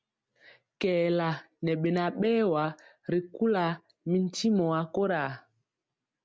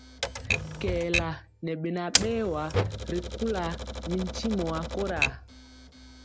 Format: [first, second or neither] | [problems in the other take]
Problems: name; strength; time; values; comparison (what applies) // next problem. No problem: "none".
first | background sound (Typewriter); as loud as the speech